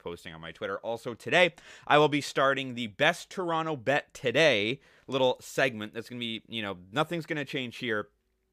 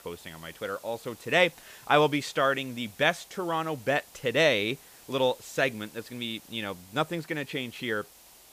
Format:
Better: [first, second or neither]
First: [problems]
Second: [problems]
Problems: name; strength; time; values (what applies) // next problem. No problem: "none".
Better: first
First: none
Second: hiss; faint; throughout; 20 dB below the speech